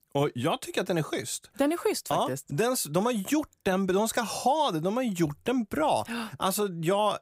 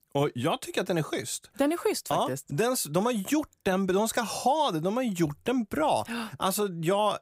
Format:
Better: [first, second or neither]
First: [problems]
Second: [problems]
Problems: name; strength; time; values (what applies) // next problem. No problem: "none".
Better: neither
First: none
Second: none